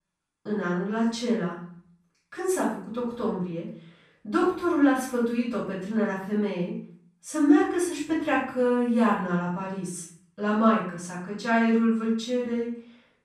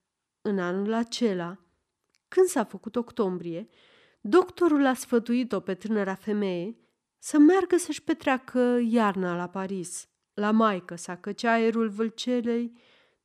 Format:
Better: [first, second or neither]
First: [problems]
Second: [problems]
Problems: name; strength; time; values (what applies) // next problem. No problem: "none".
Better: second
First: off-mic speech; far // room echo; noticeable; dies away in 0.5 s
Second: none